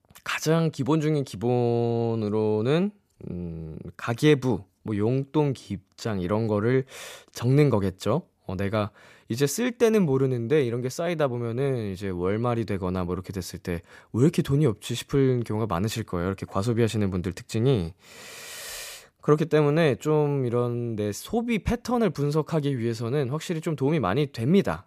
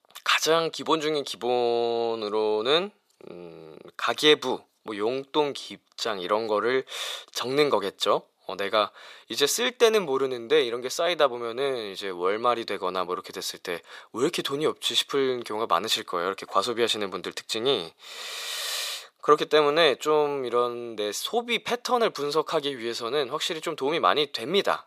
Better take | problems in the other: first | thin; very; fading below 550 Hz

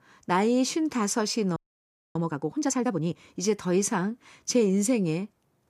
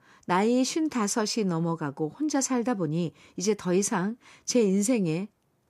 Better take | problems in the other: second | audio freezing; at 1.5 s for 0.5 s

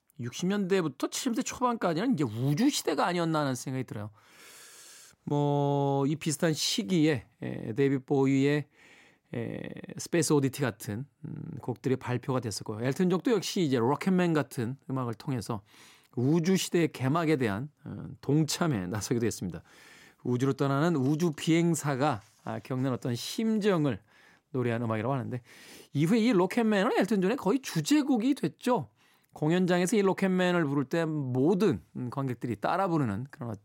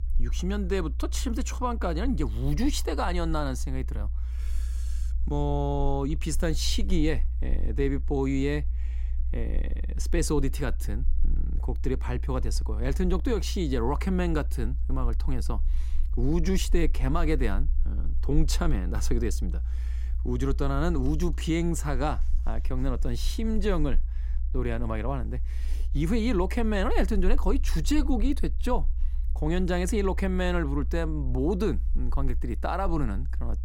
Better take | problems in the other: first | low rumble; faint; throughout; 20 dB below the speech

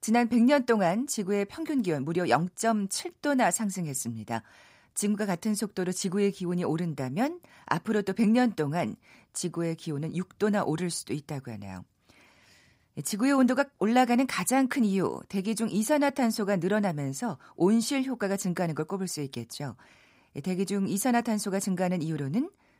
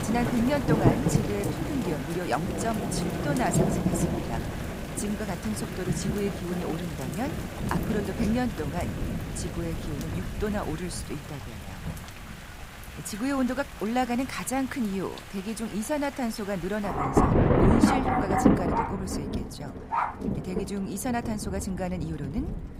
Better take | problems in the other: first | rain or running water; very loud; throughout; 3 dB above the speech

